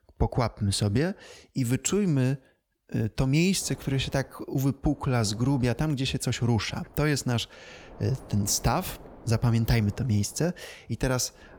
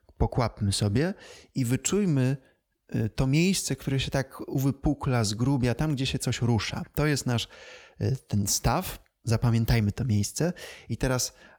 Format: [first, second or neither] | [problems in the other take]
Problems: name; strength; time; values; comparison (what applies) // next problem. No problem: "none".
second | wind noise on the microphone; occasional gusts; from 3.5 s on; 20 dB below the speech